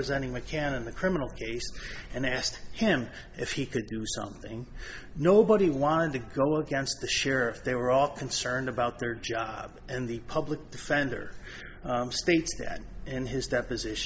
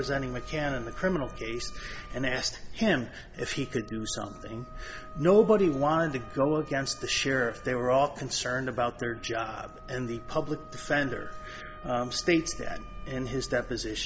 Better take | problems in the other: first | background sound (Wind instrument, woodwind instrument); 20 dB below the speech

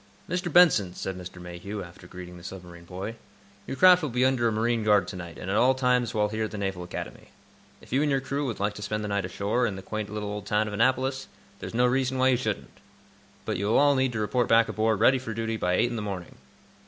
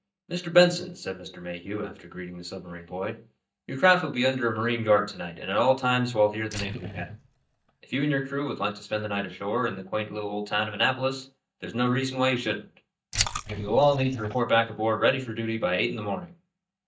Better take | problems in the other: first | noise reduction (neural mask model DeepFilterNet 3)

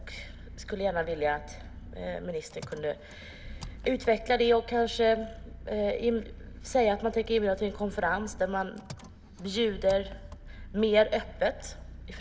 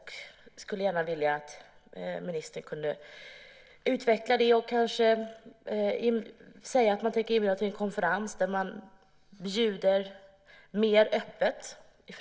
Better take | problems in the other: second | background sound (Engine); 14 dB below the speech

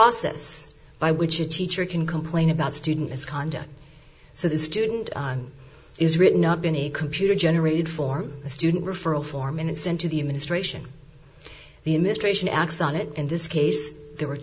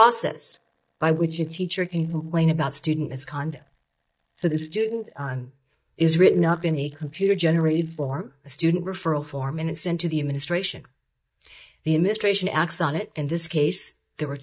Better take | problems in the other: first | noise reduction (neural mask model DeepFilterNet 3)

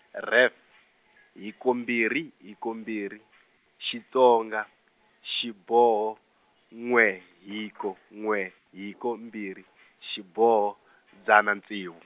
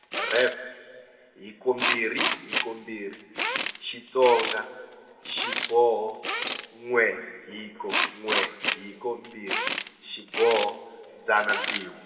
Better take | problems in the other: first | background sound (Tools); 4 dB below the speech // room echo; dies away in 2.6 s

